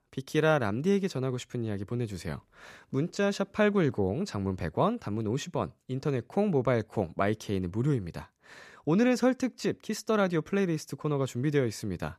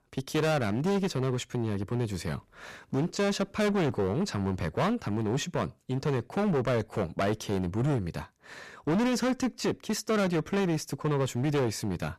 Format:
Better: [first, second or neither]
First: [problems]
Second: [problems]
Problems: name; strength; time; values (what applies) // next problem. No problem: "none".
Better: first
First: none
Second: distortion; heavy; 16% of the sound clipped